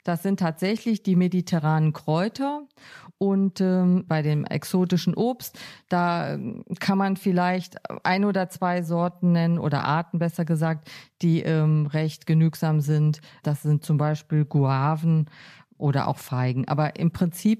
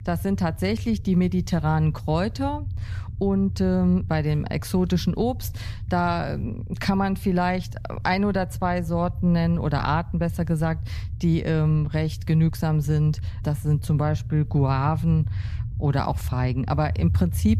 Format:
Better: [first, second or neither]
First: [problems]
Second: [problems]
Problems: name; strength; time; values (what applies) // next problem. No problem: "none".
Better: first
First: none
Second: low rumble; noticeable; throughout; 20 dB below the speech